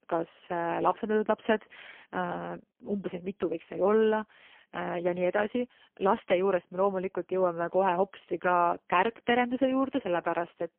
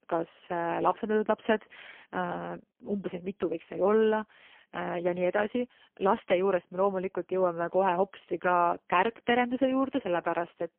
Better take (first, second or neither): neither